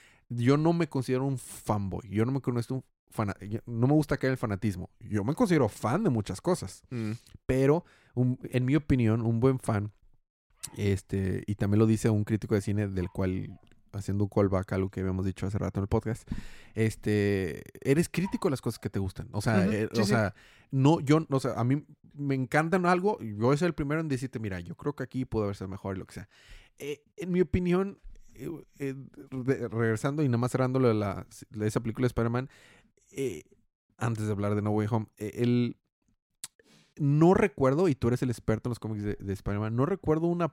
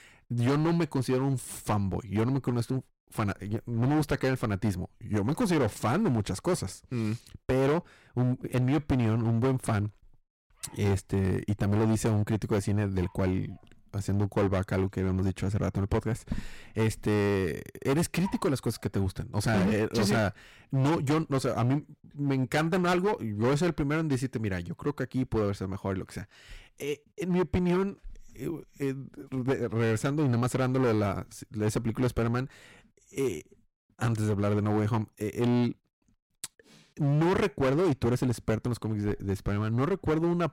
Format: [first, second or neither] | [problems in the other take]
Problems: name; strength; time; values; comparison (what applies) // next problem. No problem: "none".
first | distortion; heavy; 12% of the sound clipped